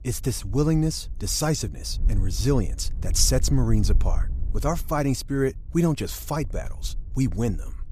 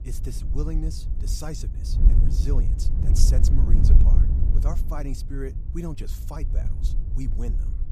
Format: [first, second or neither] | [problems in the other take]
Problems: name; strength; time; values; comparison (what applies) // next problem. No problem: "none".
first | wind noise on the microphone; heavy; 3 dB below the speech; occasional gusts in the first